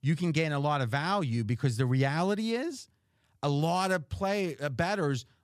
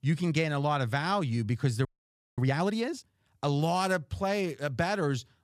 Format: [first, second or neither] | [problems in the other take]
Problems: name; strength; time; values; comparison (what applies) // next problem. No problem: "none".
first | audio freezing; at 2 s for 0.5 s